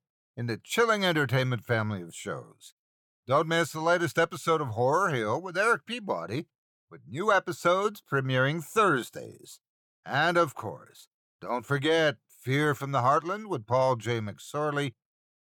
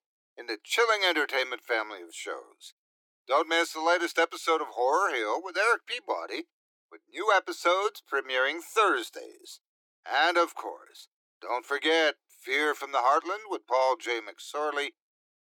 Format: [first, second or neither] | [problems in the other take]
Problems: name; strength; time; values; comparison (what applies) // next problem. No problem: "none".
first | thin; very; fading below 300 Hz